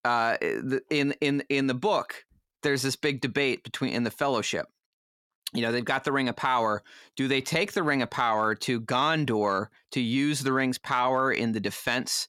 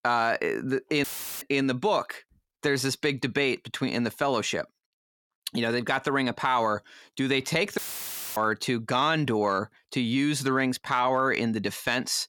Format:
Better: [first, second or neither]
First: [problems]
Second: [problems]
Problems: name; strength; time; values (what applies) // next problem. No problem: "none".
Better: first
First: none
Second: audio cutting out; filled with static; at 1 s and at 8 s for 0.5 s